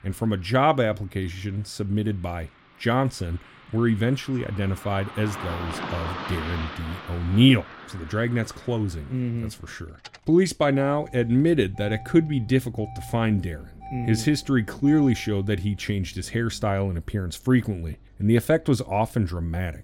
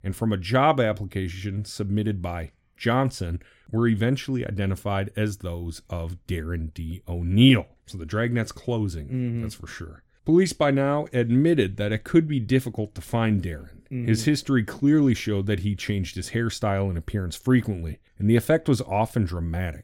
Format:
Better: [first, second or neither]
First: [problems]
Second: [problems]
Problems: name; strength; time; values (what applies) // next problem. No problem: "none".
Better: second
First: traffic noise; noticeable; throughout; 15 dB below the speech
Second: none